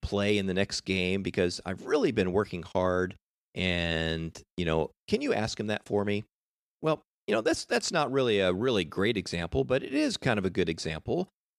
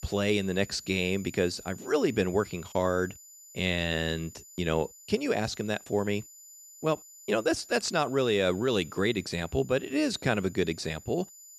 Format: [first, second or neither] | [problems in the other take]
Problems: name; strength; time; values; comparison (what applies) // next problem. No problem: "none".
first | high-pitched whine; noticeable; throughout; 7 kHz, 20 dB below the speech